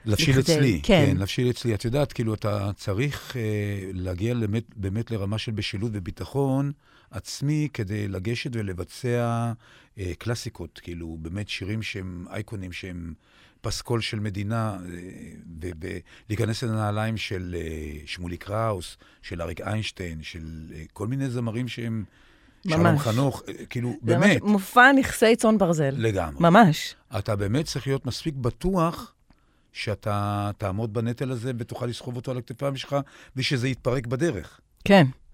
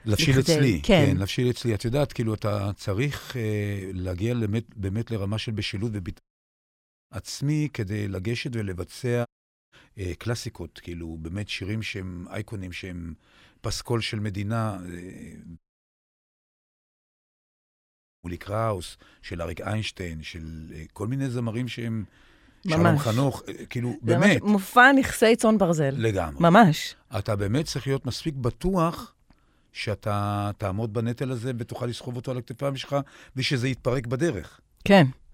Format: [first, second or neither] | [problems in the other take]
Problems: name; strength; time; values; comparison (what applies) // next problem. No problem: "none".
first | audio cutting out; at 6 s for 1 s, at 9.5 s and at 16 s for 2.5 s